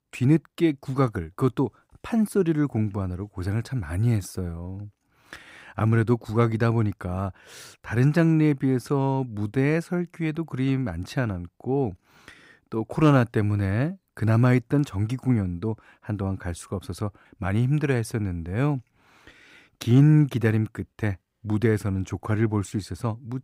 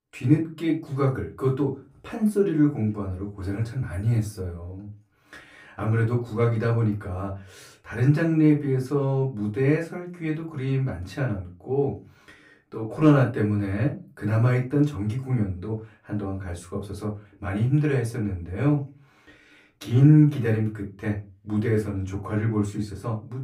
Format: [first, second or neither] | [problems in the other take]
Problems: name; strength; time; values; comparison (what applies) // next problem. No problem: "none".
first | off-mic speech; far // room echo; very slight; dies away in 0.2 s